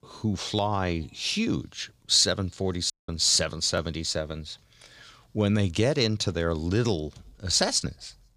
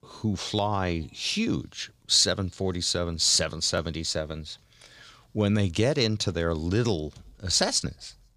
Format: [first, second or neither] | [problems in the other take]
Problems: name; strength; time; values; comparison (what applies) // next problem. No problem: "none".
second | audio cutting out; at 3 s